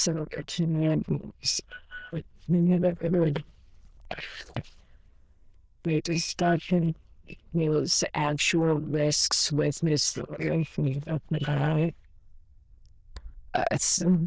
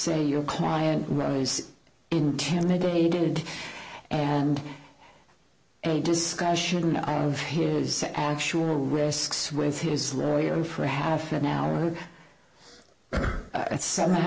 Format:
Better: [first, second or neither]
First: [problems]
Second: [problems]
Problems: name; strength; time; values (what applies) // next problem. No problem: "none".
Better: second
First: noise reduction (neural diffusion model UNIVERSE++)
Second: none